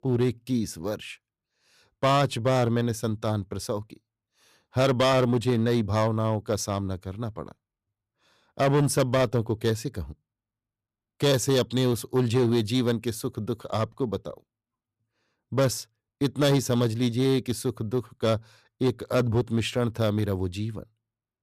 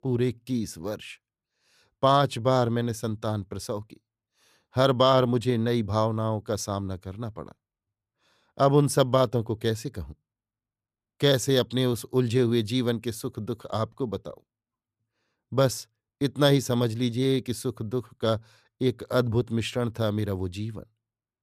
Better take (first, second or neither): second